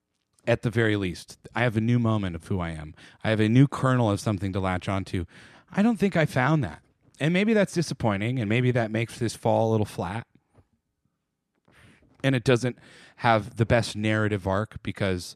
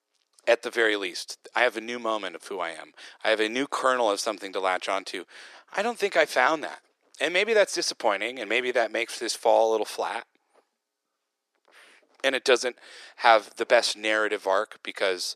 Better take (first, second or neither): first